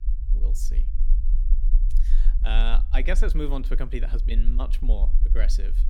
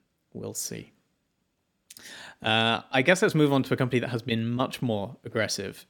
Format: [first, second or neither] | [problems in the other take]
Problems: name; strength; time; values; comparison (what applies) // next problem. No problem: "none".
second | low rumble; noticeable; throughout; 15 dB below the speech